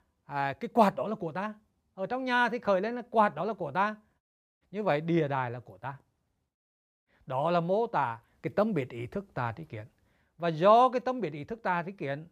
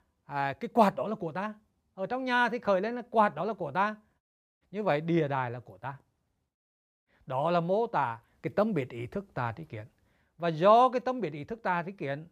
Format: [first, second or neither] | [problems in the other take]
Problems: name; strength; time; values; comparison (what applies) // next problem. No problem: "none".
neither | none